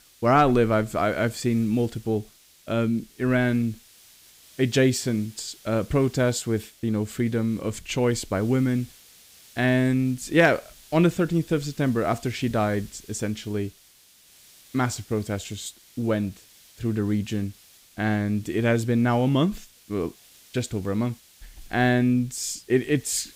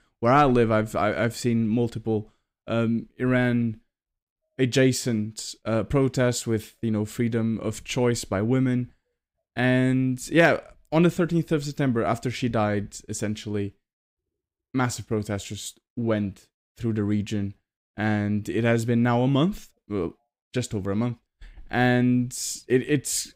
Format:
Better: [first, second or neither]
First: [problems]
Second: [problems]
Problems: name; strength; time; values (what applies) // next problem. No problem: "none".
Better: second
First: hiss; faint; throughout; 25 dB below the speech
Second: none